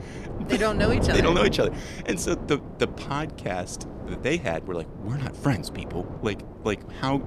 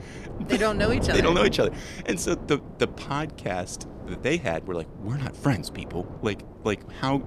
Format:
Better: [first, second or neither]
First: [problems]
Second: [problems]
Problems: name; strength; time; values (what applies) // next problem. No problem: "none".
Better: second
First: wind noise on the microphone; heavy; 10 dB below the speech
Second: wind noise on the microphone; occasional gusts; 15 dB below the speech